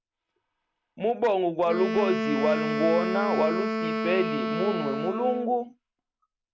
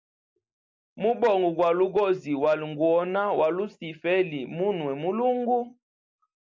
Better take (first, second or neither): second